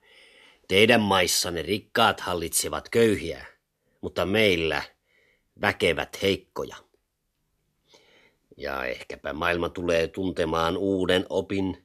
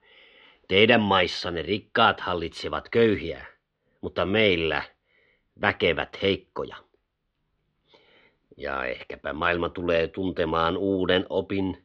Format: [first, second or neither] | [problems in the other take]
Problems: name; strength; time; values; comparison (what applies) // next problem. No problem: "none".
first | muffled; slightly; fading above 3.5 kHz